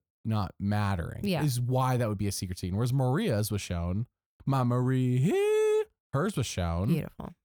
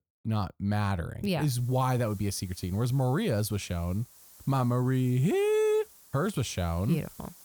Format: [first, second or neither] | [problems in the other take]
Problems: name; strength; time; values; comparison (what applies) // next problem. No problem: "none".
first | hiss; faint; from 1.5 s on; 20 dB below the speech